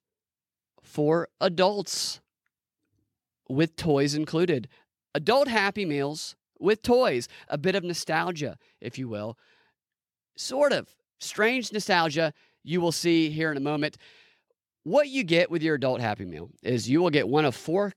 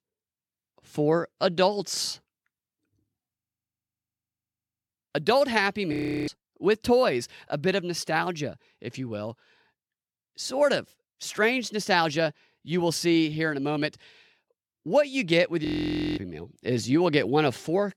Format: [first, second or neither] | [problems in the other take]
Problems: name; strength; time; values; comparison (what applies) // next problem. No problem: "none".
first | audio freezing; at 3.5 s for 1.5 s, at 6 s and at 16 s for 0.5 s